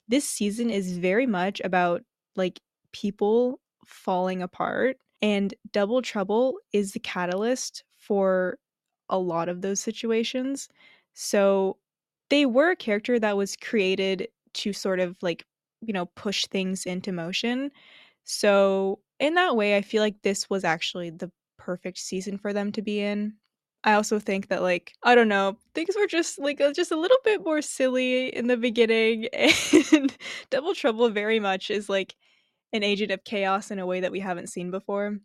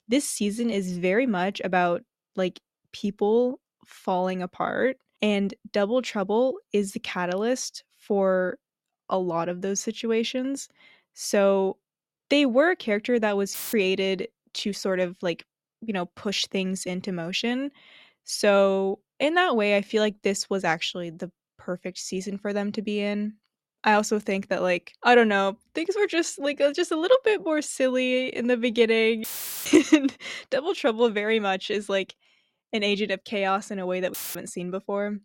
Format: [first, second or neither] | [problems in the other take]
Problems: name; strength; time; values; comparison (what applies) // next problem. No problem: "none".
first | audio cutting out; filled with static; at 14 s, at 29 s and at 34 s